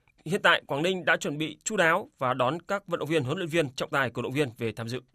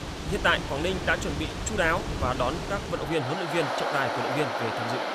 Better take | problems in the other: first | rain or running water; loud; throughout; 3 dB below the speech

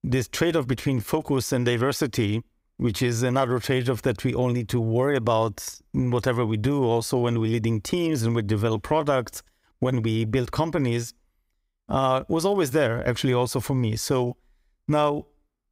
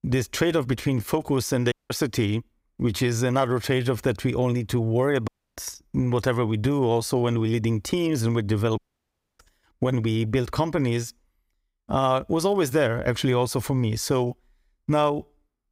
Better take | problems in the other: first | audio cutting out; at 1.5 s, at 5.5 s and at 9 s for 0.5 s

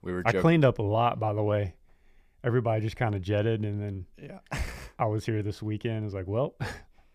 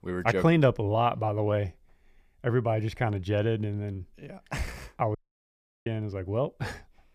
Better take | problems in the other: first | audio cutting out; at 5 s for 0.5 s

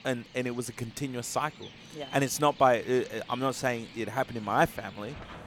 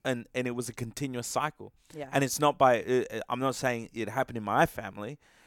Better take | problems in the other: second | animal sounds; noticeable; throughout; 20 dB below the speech

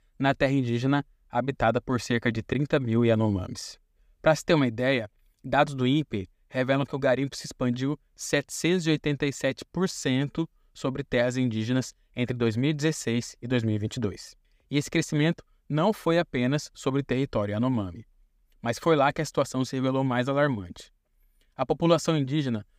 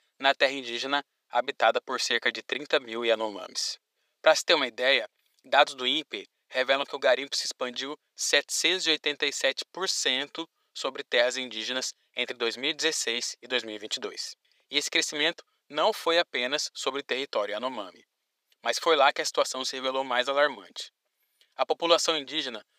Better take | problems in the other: first | thin; very; fading below 500 Hz

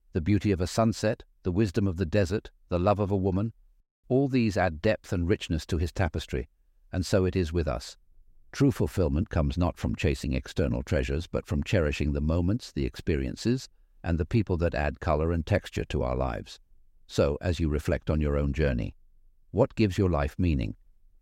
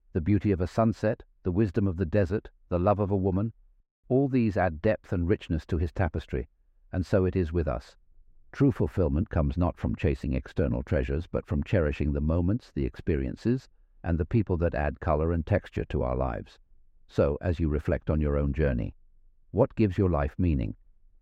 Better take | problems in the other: first | muffled; slightly; fading above 3 kHz

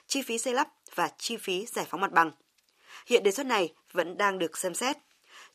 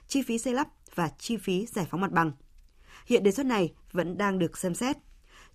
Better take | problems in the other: second | thin; somewhat; fading below 450 Hz

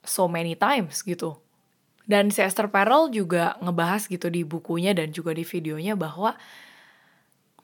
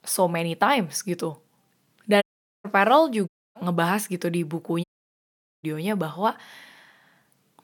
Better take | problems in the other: first | audio cutting out; at 2 s, at 3.5 s and at 5 s for 1 s

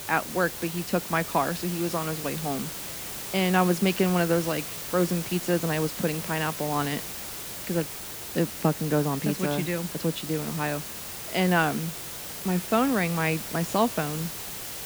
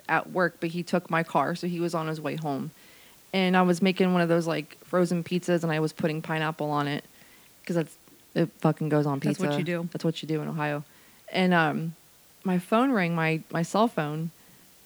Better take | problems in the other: second | hiss; loud; throughout; 7 dB below the speech; faint in the second

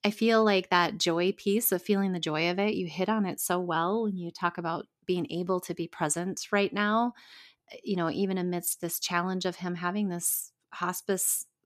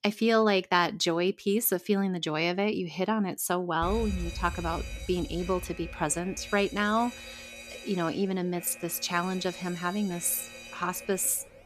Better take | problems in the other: first | alarm; noticeable; from 4 s on; peak 7 dB below the speech

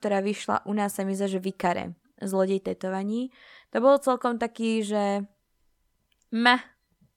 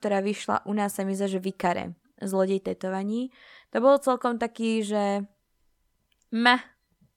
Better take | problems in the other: neither | none

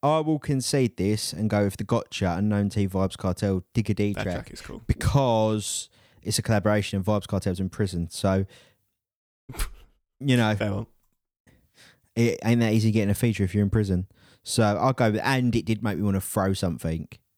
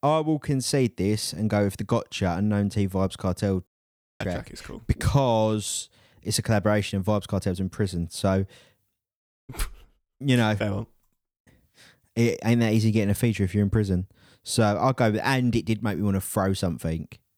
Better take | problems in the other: first | audio cutting out; at 3.5 s for 0.5 s

